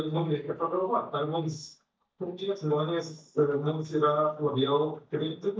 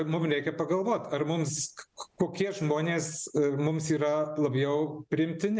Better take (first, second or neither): second